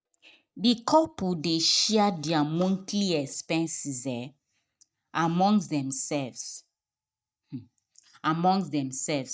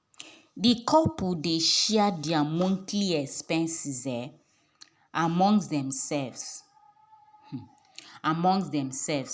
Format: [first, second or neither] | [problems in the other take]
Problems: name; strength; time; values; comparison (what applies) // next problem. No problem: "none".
second | noise reduction (neural mask model DeepFilterNet 3)